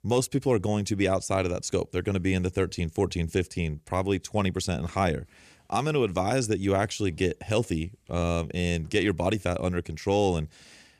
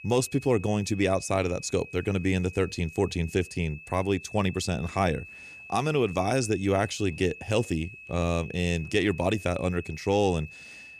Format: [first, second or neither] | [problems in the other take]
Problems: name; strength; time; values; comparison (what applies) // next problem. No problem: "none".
first | high-pitched whine; noticeable; throughout; 2.5 kHz, 15 dB below the speech